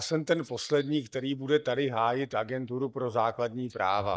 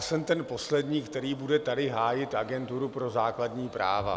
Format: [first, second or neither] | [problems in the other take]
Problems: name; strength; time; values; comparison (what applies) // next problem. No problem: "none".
second | noise reduction (neural mask model DeepFilterNet 3)